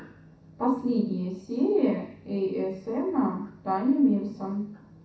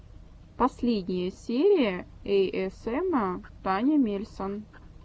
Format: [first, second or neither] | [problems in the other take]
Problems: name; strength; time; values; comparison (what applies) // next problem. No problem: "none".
second | room echo; dies away in 0.7 s